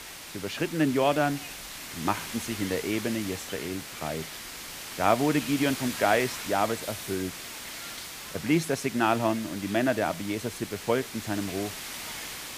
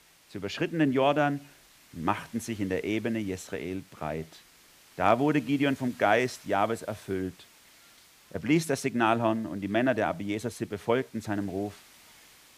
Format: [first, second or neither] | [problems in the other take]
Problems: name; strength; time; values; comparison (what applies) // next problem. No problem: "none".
second | hiss; loud; throughout; 8 dB below the speech; faint in the second